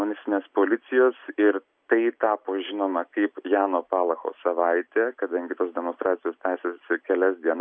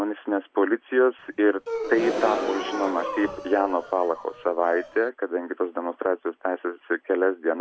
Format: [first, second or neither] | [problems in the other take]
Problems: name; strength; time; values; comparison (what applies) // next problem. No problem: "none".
first | background sound (Gasp); 7 dB below the speech